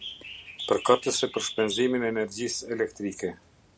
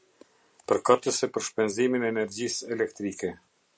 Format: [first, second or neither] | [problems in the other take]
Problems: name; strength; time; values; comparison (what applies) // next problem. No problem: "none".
second | background sound (Bird); 13 dB below the speech